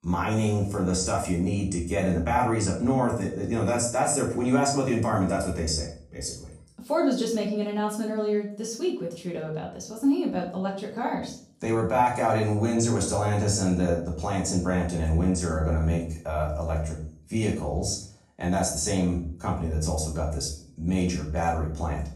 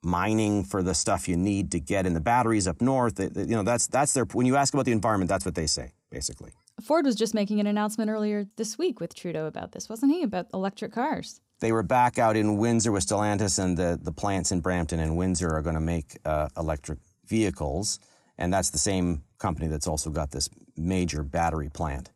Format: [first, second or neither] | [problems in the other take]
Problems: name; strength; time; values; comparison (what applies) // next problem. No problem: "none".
second | off-mic speech; far // room echo; slight; dies away in 0.4 s